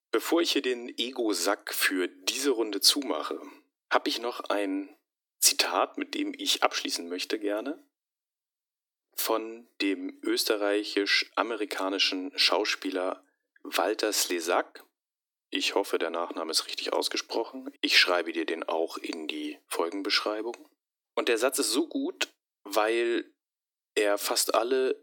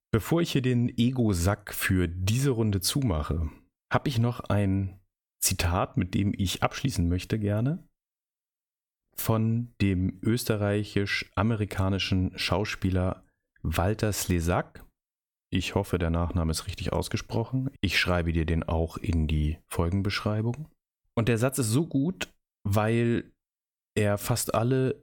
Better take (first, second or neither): second